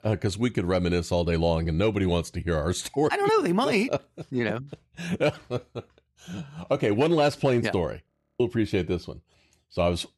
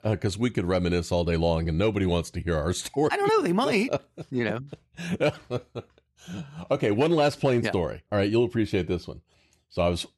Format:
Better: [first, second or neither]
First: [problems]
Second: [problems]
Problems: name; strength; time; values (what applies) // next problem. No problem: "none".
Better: second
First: audio freezing; at 8 s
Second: none